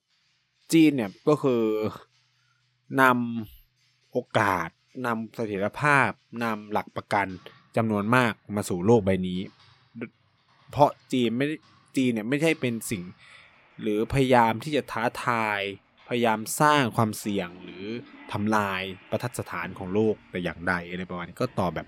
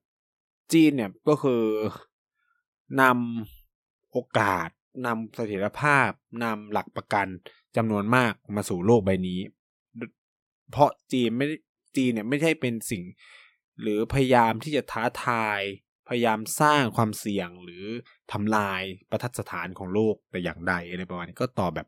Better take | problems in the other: second | household noises; faint; throughout; 30 dB below the speech

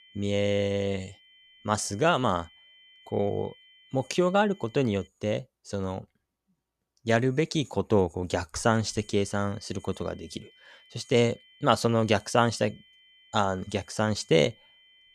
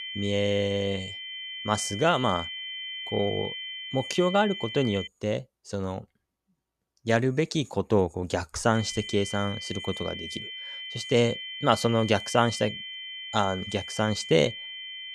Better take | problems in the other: first | high-pitched whine; loud; until 5 s and from 9 s on; 3 kHz, 8 dB below the speech; faint in the first

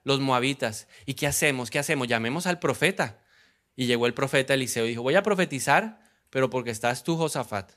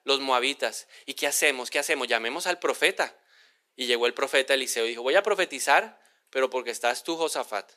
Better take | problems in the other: first | thin; somewhat; fading below 350 Hz

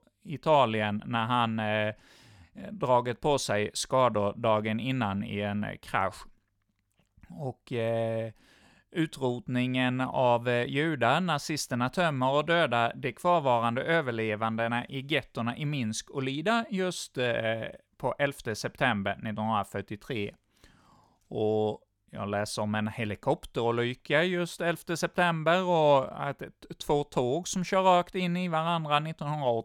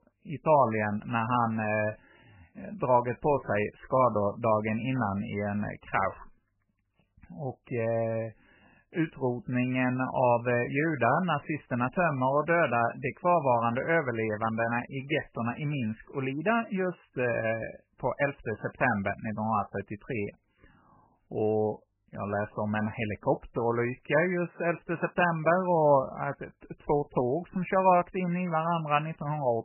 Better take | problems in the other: first | garbled, watery; badly; nothing above 3 kHz

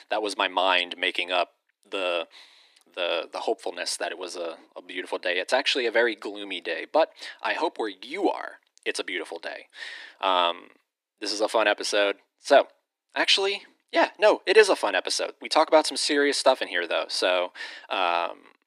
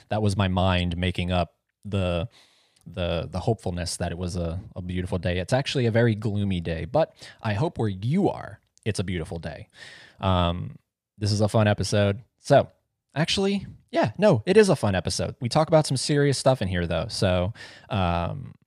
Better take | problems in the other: second | thin; very; fading below 300 Hz

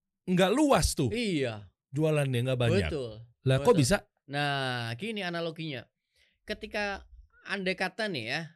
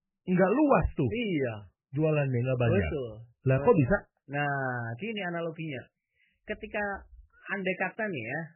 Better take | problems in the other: first | garbled, watery; badly; nothing above 3 kHz

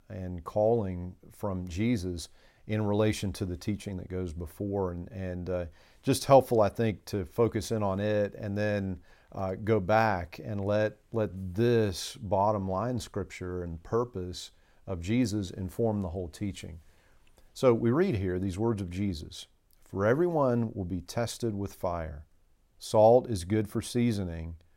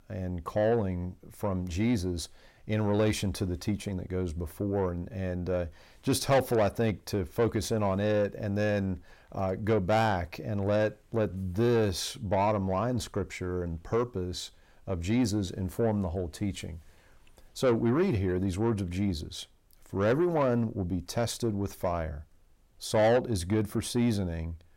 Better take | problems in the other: first | distortion; slight; 10 dB below the speech

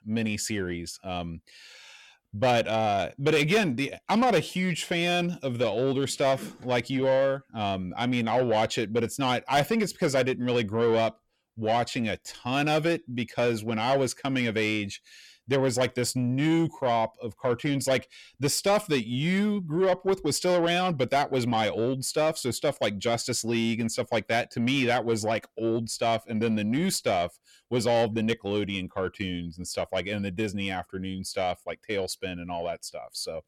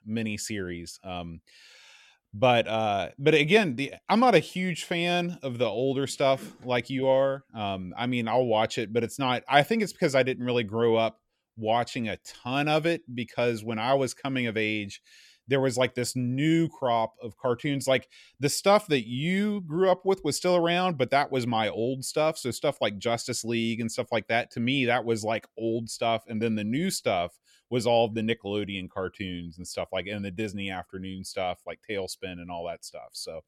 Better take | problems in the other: second | distortion; slight; 10 dB below the speech

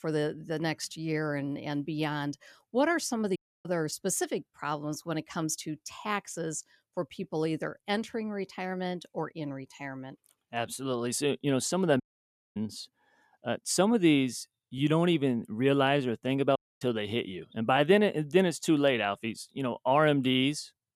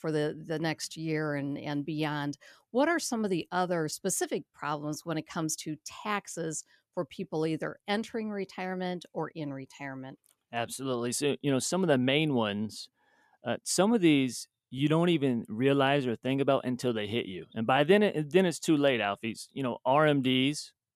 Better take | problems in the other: second | audio cutting out; at 3.5 s, at 12 s for 0.5 s and at 17 s

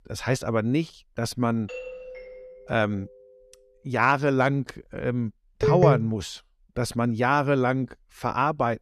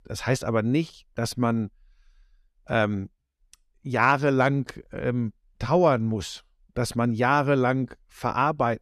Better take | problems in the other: second | doorbell; faint; from 1.5 to 3.5 s; peak 10 dB below the speech // phone ringing; loud; at 5.5 s; peak 4 dB above the speech

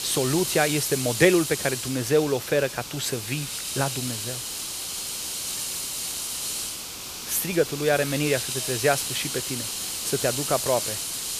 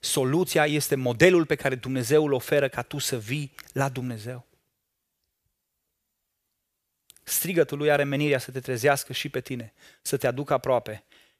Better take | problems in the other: second | hiss; loud; throughout; 4 dB below the speech

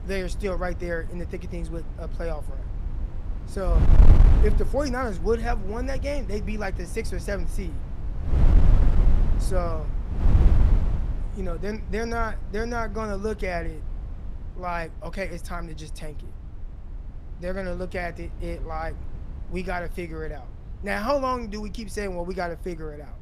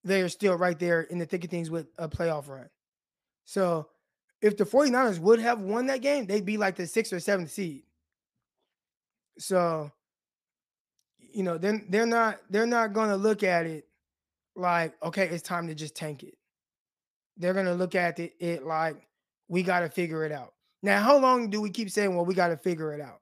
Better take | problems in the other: second | wind noise on the microphone; occasional gusts; 10 dB below the speech

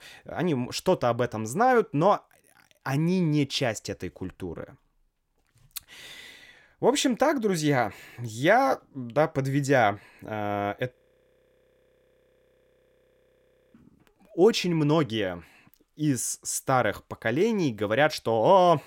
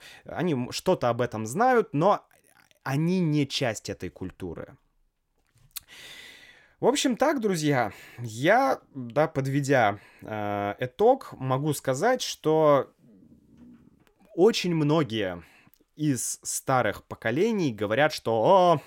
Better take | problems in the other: second | audio freezing; at 11 s for 3 s

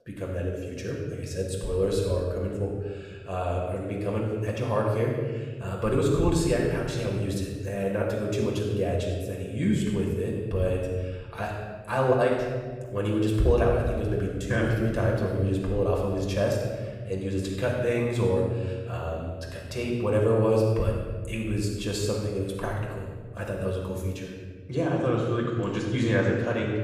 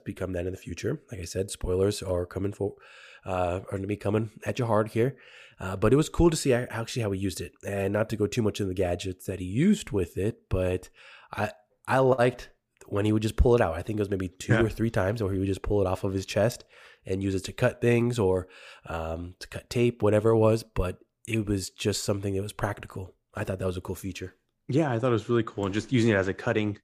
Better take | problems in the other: second | off-mic speech; far // room echo; noticeable; dies away in 1.5 s

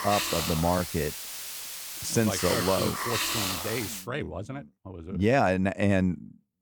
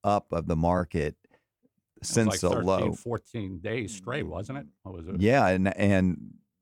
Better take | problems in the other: second | hiss; loud; until 4 s; 3 dB below the speech

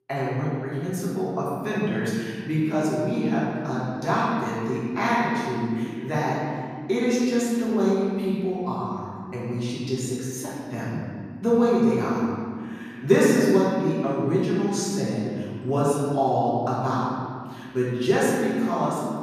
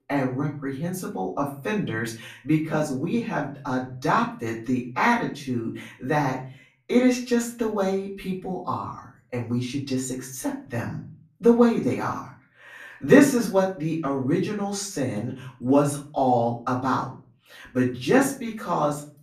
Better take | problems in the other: second | room echo; strong; dies away in 2.1 s; slight in the second // off-mic speech; far; far in the second

